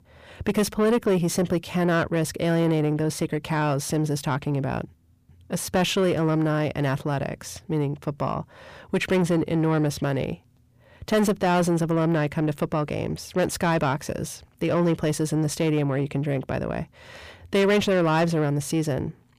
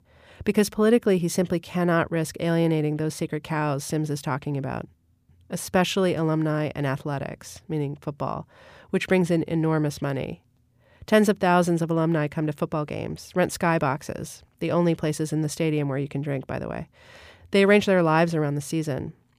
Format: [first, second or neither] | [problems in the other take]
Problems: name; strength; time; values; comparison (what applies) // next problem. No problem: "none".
second | distortion; slight; 10 dB below the speech